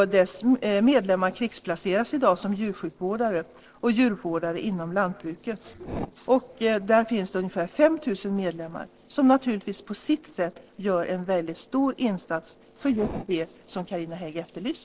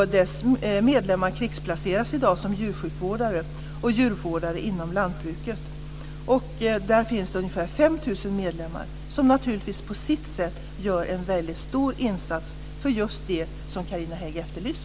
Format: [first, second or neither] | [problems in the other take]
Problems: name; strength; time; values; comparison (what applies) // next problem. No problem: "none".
second | noise reduction (neural separator model SepFormer DNS4)